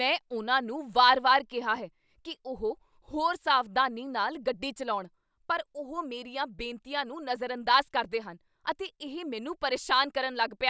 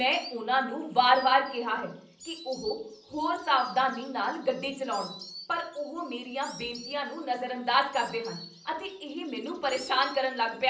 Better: first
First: none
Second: background sound (Insect); 19 dB below the speech // room echo; dies away in 0.6 s

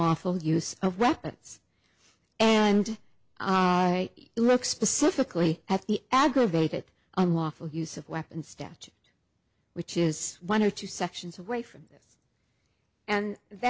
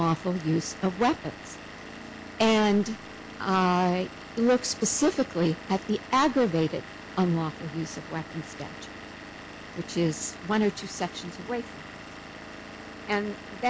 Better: first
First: none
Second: background sound (Engine / Vehicle); 14 dB below the speech

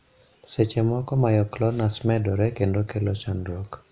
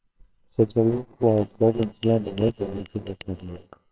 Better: first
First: none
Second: noise reduction (neural separator model SepFormer WHAMR!)

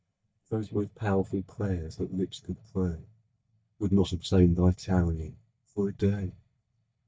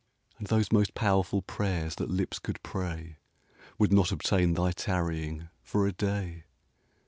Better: second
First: noise reduction (neural mask model DeepFilterNet 3)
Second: none

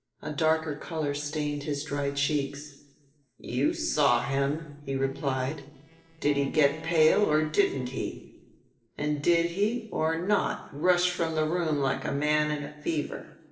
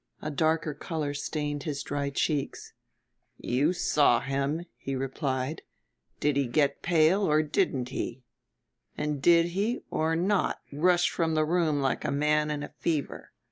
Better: second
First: noise reduction (neural separator model SepFormer DNS4)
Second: none

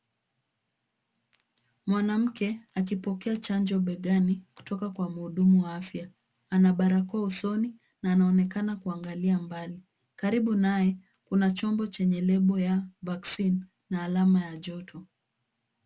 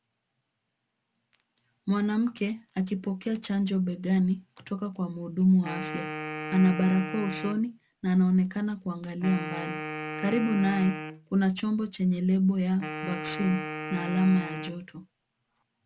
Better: first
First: none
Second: background sound (Wind instrument, woodwind instrument); 10 dB below the speech

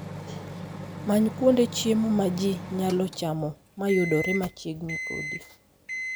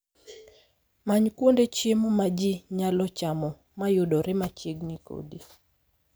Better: second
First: background sound (Microwave oven); 10 dB below the speech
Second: none

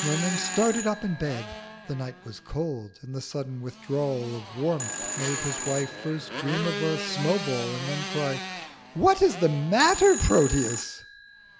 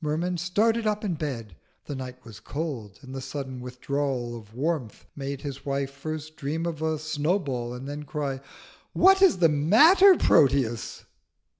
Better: second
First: background sound (Telephone + Motorcycle); 8 dB below the speech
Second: none

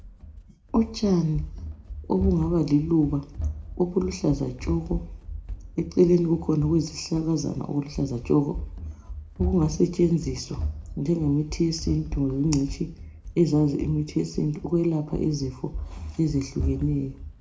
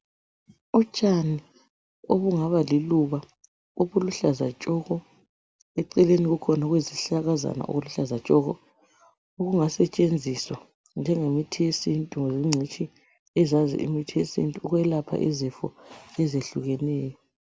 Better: second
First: background sound (Run); 9 dB below the speech // room echo; dies away in 0.4 s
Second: none

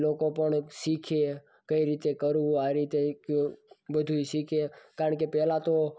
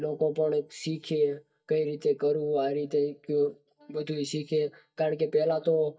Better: first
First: none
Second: noise reduction (neural mask model DeepFilterNet 3)

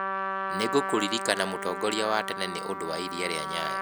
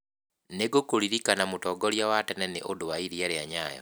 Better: second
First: background sound (Trumpet); 3 dB below the speech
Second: none

